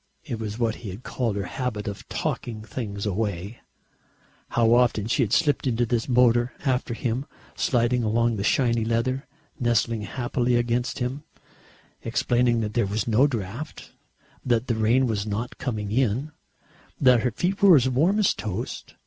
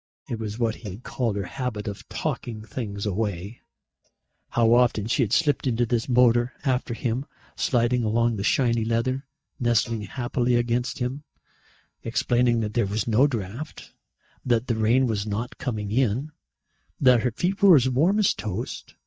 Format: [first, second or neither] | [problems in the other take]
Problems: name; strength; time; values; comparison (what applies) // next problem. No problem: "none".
first | noise reduction (neural mask model DeepFilterNet 3)